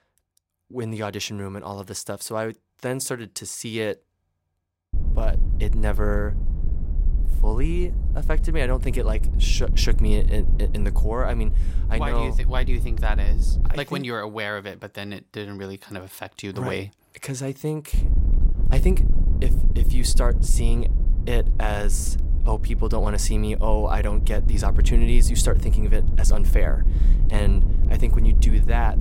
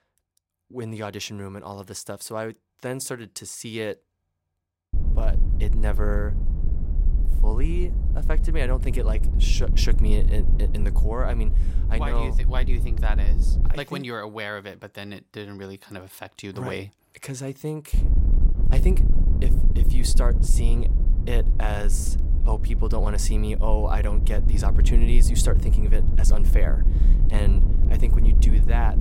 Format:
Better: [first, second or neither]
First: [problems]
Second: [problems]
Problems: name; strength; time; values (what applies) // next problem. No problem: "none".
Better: first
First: wind noise on the microphone; occasional gusts; from 5 to 14 s and from 18 s on; 10 dB below the speech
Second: wind noise on the microphone; heavy; from 5 to 14 s and from 18 s on; 8 dB below the speech